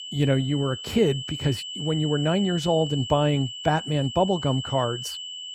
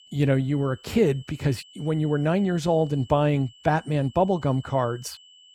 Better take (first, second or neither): second